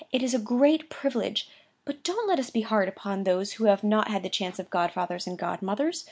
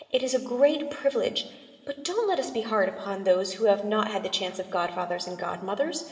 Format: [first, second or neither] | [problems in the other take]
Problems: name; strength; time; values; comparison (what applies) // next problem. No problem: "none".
first | room echo; dies away in 2.6 s